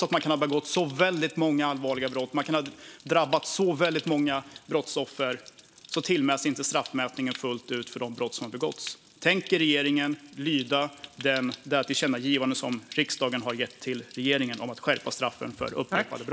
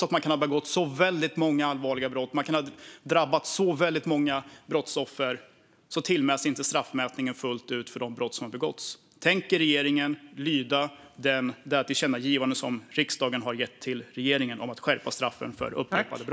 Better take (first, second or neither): second